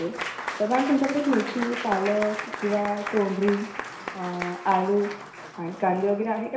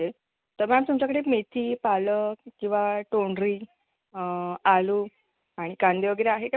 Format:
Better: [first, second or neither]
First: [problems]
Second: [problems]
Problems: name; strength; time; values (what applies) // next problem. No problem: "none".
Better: second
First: background sound (Applause / Crowd); 9 dB below the speech // room echo; dies away in 0.7 s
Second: none